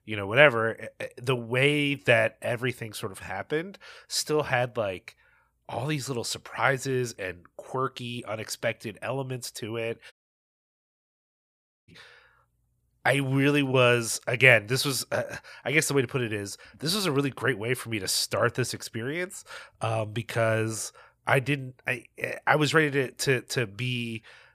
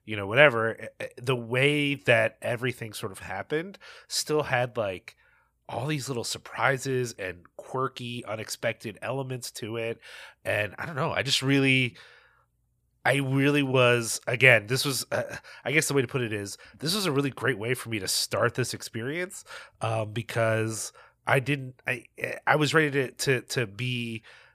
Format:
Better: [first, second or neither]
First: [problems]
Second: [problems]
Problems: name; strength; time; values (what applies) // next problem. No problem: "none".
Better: second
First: audio cutting out; at 10 s for 2 s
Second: none